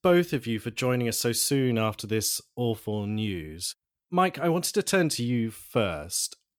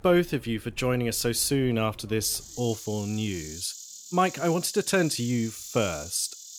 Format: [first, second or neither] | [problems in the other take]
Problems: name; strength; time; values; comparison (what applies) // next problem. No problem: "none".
first | animal sounds; noticeable; throughout; 15 dB below the speech